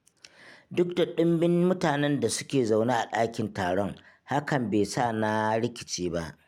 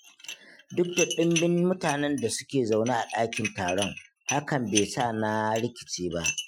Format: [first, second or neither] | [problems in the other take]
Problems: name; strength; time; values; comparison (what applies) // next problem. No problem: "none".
first | noise reduction (classical method Wiener filter)